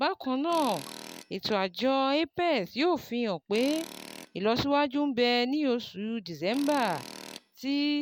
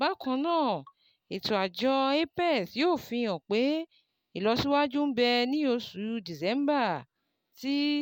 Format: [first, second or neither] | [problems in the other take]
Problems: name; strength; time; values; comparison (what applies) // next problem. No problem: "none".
second | background sound (Tools); 19 dB below the speech